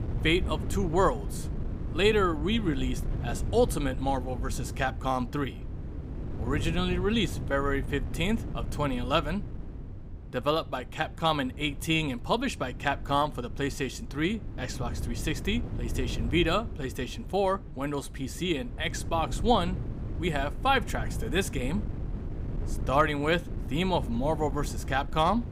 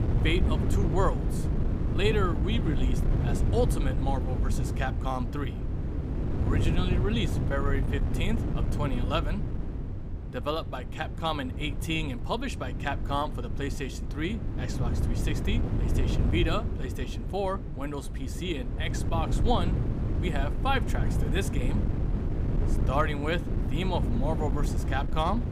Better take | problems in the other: first | wind noise on the microphone; heavy; 7 dB below the speech; occasional gusts in the first

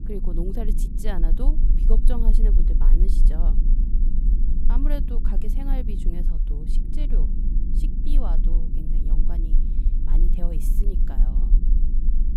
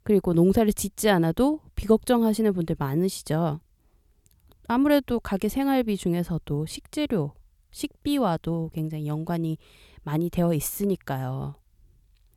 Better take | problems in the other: second | low rumble; loud; throughout; 4 dB below the speech

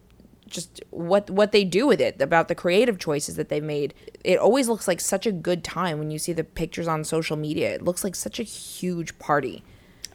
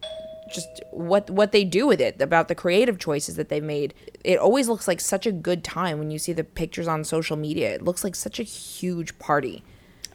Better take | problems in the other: first | doorbell; faint; until 1.5 s; peak 10 dB below the speech

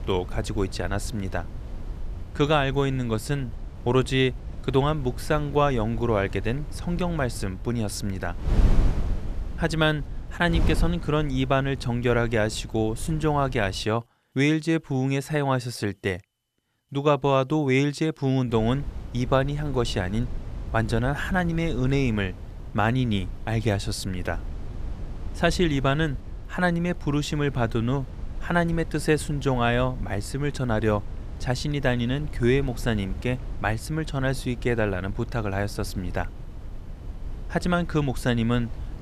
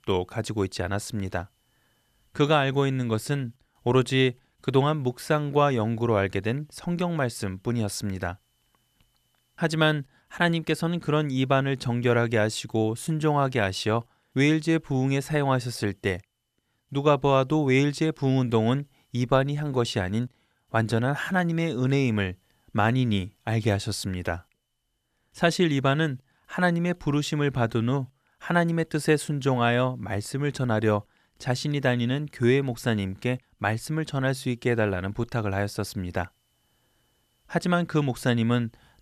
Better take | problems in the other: second | wind noise on the microphone; occasional gusts; until 14 s and from 19 s on; 20 dB below the speech

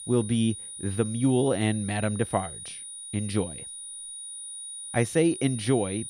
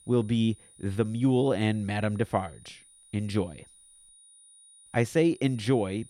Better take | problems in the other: second | high-pitched whine; loud; throughout; 9.5 kHz, 10 dB below the speech; faint in the second

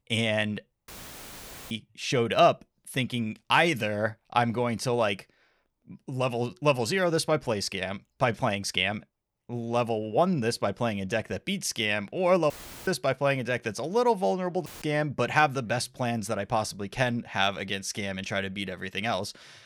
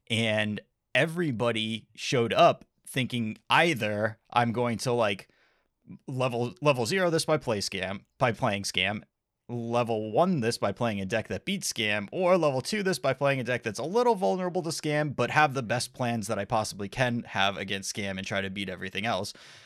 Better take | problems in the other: second | audio cutting out; filled with static; at 1 s for 1 s, at 13 s and at 15 s

